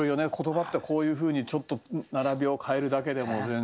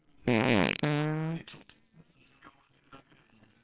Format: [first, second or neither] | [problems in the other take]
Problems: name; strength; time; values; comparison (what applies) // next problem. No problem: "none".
first | noise reduction (neural separator model SepFormer WHAMR!)